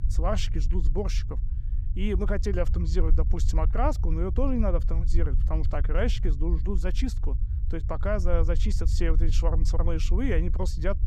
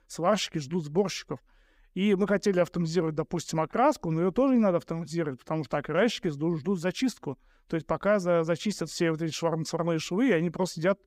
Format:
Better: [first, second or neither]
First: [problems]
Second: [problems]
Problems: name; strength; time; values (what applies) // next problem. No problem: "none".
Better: second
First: low rumble; noticeable; throughout; 15 dB below the speech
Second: none